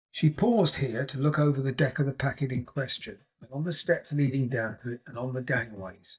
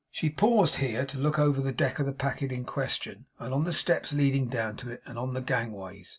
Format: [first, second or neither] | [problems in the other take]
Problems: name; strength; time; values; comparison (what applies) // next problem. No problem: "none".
second | noise reduction (neural mask model DeepFilterNet 3)